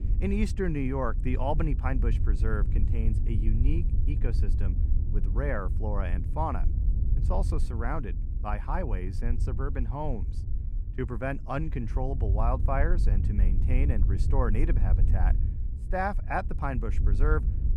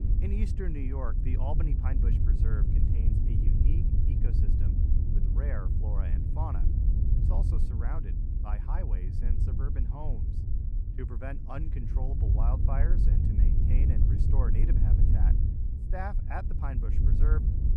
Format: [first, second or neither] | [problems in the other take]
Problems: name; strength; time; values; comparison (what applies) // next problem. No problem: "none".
first | wind noise on the microphone; heavy; 1 dB below the speech; occasional gusts in the first